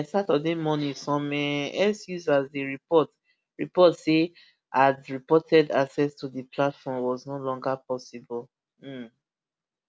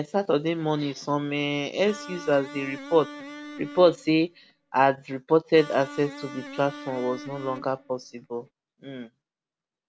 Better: first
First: none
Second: background sound (Electric guitar); 15 dB below the speech

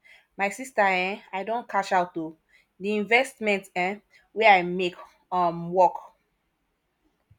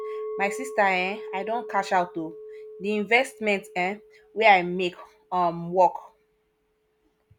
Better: first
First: none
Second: background sound (Chink, clink); 14 dB below the speech

